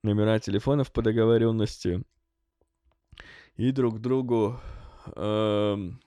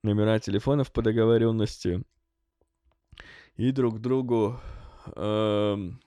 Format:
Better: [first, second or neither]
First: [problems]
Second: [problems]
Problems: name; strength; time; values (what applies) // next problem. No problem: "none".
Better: neither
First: none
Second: none